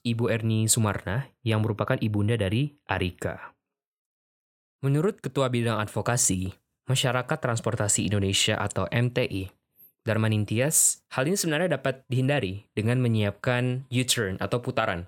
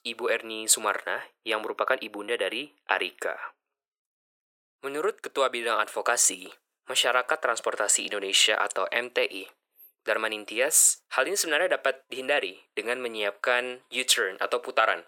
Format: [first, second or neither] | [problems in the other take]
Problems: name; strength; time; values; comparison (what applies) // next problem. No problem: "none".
first | thin; very; fading below 400 Hz